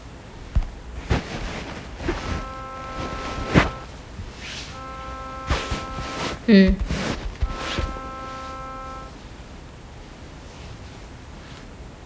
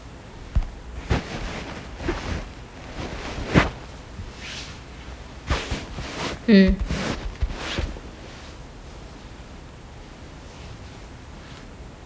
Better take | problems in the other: second | background sound (Wind instrument, woodwind instrument); 11 dB below the speech

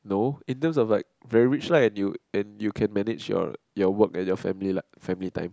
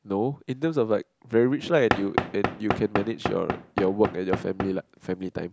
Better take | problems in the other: first | background sound (Knock / Wood); 4 dB below the speech

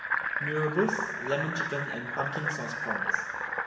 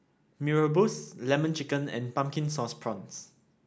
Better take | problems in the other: second | background sound (Fill (with liquid)); 2 dB above the speech // room echo; dies away in 0.9 s

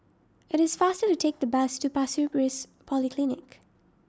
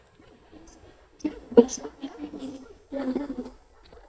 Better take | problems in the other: first | noise reduction (neural mask model DeepFilterNet 3)

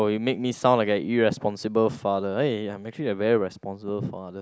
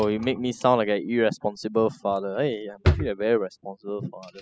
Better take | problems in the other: first | noise reduction (classical method spectral subtraction)

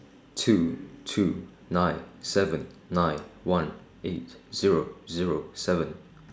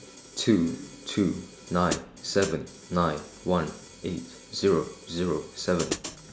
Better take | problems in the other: first | background sound (Hi-hat); 13 dB below the speech

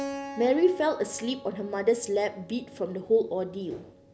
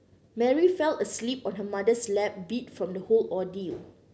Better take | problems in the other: second | background sound (Keyboard (musical)); 14 dB below the speech

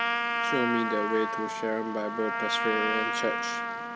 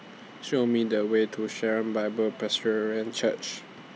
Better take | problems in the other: second | background sound (Trumpet); 1 dB above the speech

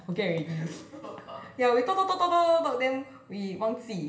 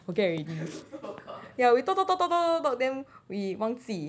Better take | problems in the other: second | room echo; dies away in 1 s

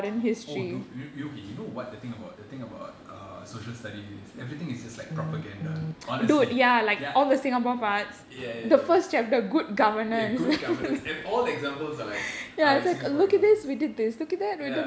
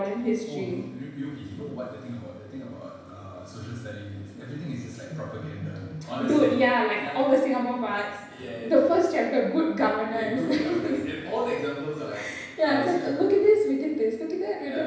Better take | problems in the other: first | room echo; dies away in 0.9 s

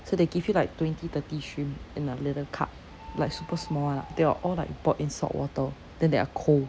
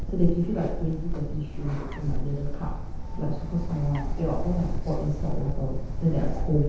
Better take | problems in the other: first | background sound (Bird); 1 dB above the speech // room echo; dies away in 0.9 s

